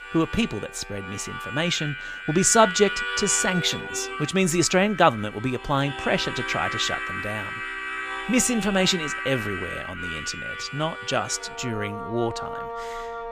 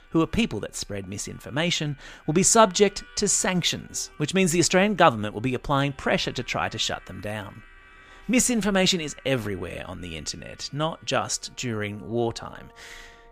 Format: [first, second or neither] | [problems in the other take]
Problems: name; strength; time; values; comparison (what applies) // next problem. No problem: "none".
second | background music; loud; throughout; 7 dB below the speech; faint in the second